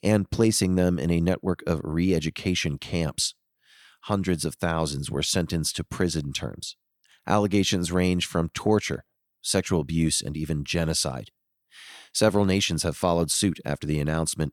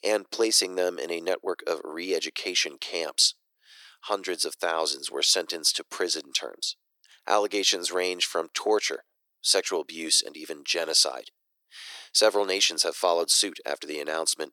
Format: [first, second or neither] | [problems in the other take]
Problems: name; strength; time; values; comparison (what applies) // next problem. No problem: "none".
first | thin; very; fading below 400 Hz